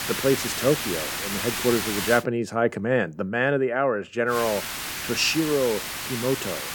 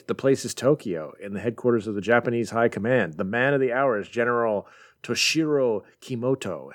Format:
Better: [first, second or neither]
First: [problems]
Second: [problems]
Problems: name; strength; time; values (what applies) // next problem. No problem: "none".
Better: second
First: hiss; loud; until 2 s and from 4.5 s on; 4 dB below the speech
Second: none